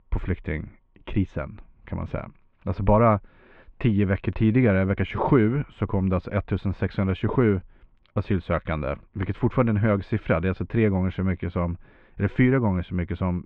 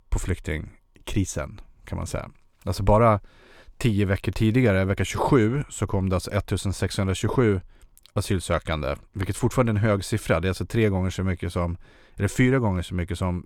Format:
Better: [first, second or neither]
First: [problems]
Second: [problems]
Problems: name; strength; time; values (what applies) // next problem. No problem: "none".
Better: second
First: muffled; very; fading above 2.5 kHz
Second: none